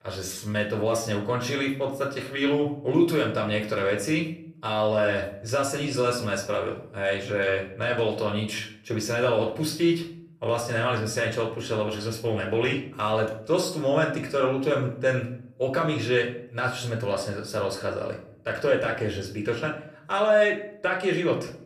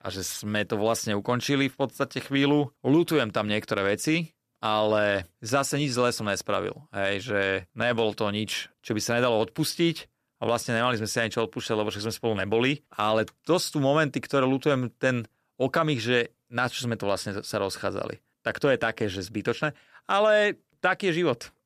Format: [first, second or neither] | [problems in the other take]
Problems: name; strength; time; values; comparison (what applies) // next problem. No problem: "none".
second | off-mic speech; somewhat distant // room echo; slight; dies away in 0.5 s